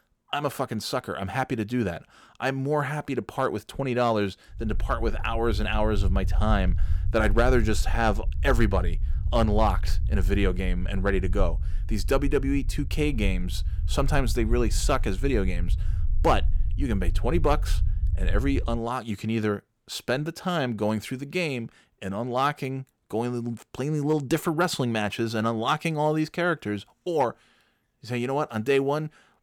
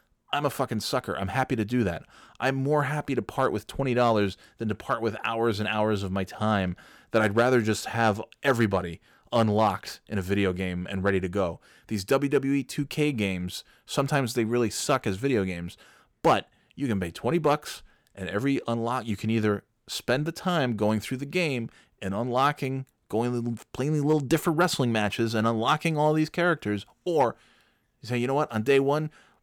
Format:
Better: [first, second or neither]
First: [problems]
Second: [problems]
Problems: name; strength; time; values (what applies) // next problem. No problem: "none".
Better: second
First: low rumble; faint; from 4.5 to 19 s; 20 dB below the speech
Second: none